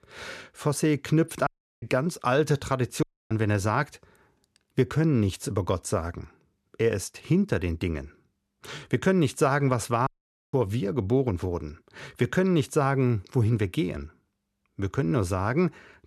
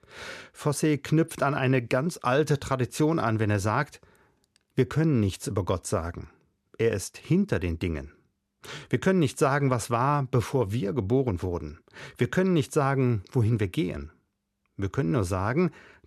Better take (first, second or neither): second